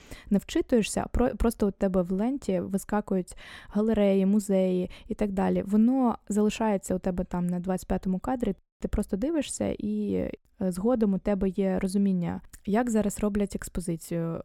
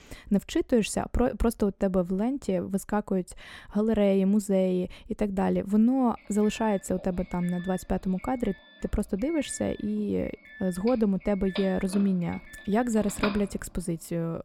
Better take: first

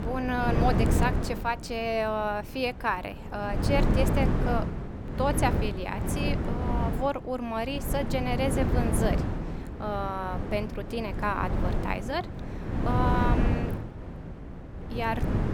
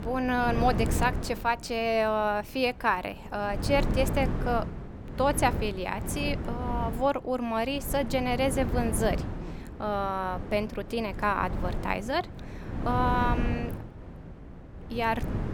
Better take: second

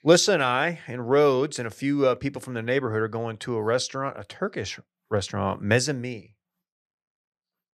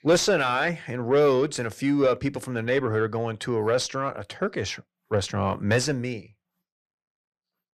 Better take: first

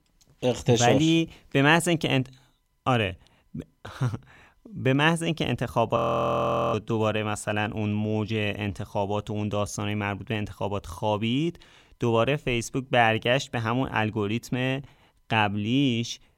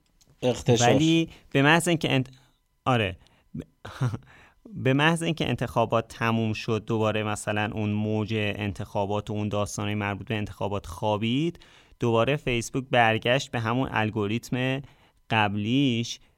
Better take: second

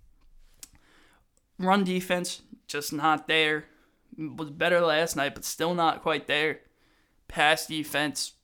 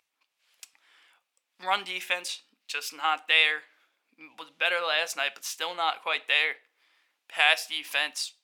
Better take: first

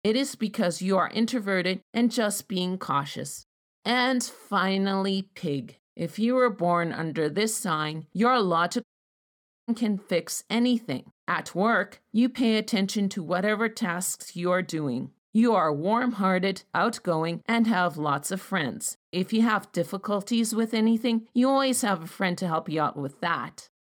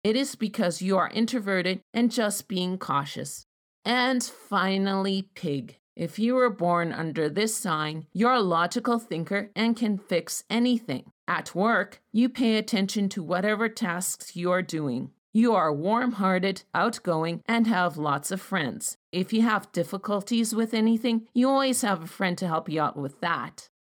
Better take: second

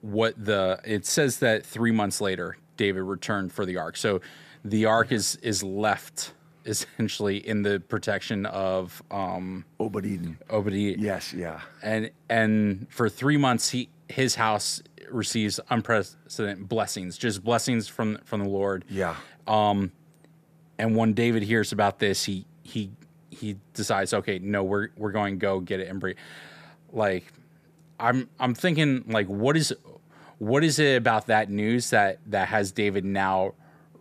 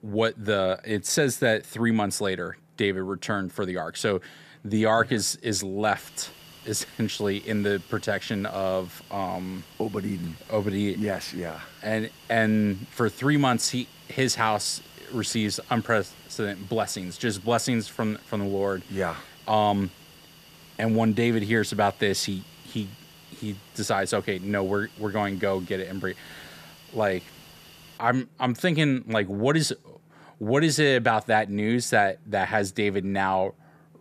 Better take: first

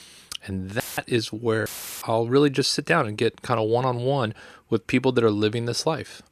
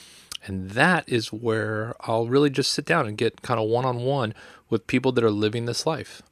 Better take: second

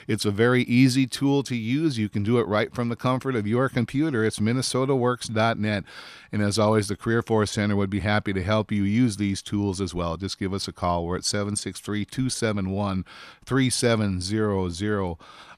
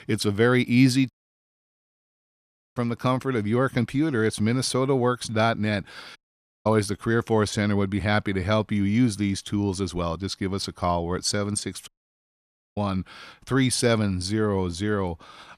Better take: first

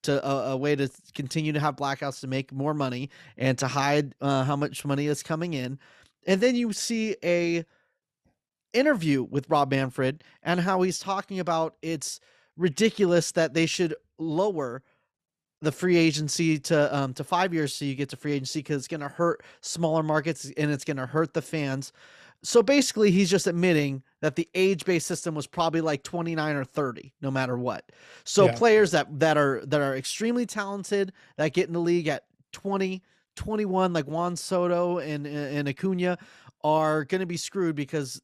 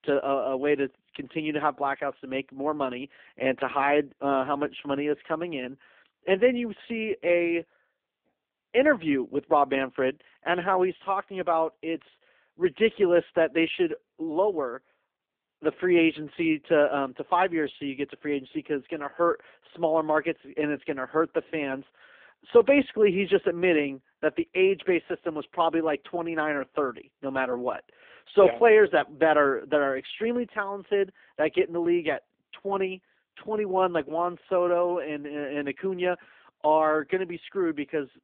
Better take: first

